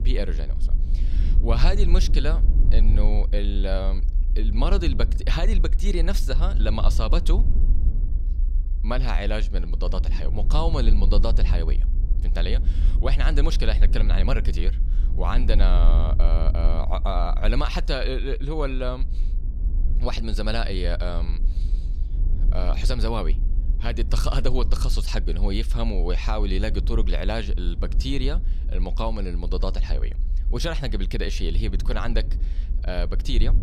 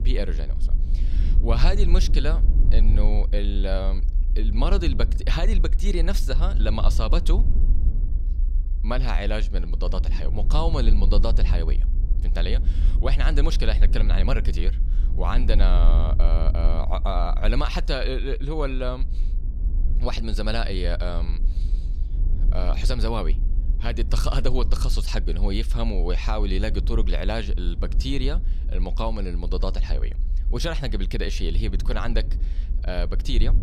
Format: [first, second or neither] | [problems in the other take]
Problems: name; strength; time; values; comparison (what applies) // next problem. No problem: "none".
neither | low rumble; noticeable; throughout; 15 dB below the speech; the same in both